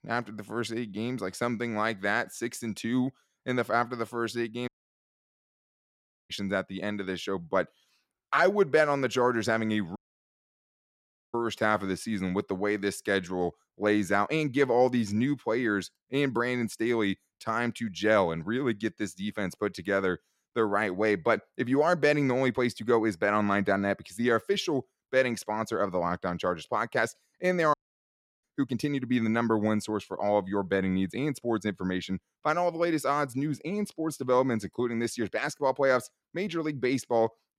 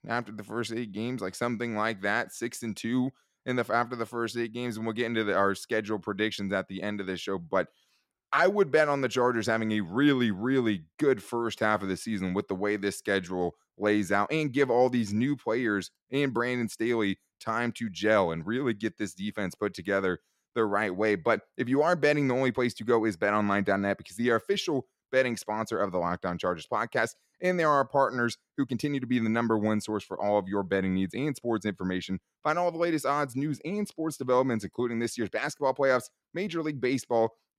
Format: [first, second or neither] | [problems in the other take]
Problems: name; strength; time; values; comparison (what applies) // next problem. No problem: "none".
second | audio cutting out; at 4.5 s for 1.5 s, at 10 s for 1.5 s and at 28 s for 0.5 s